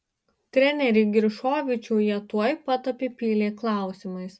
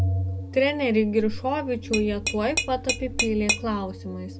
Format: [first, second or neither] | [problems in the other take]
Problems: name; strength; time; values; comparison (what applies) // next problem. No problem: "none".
first | background sound (Organ + Tap / Glass); 4 dB below the speech